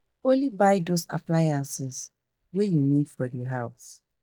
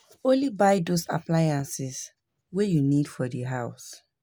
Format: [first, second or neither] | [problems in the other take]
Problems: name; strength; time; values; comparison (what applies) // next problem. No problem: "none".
second | noise reduction (neural mask model DeepFilterNet 3)